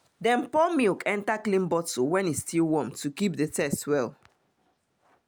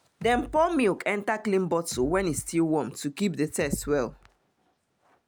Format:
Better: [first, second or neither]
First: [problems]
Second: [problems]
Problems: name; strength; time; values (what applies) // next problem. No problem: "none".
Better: first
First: none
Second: background sound (Bass drum); 19 dB below the speech